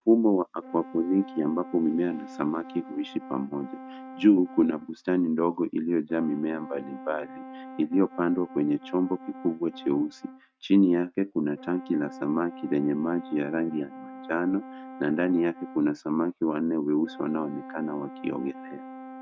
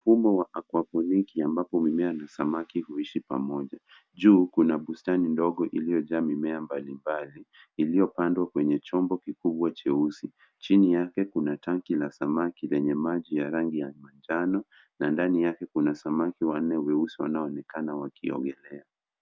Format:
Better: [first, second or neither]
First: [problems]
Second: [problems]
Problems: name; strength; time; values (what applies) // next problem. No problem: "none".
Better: second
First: noise reduction (neural mask model RNNoise)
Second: none